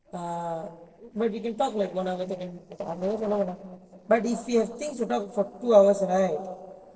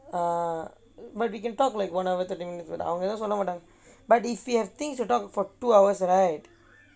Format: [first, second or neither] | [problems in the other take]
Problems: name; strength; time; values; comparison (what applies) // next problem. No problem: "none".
second | noise reduction (neural separator model SepFormer DNS4)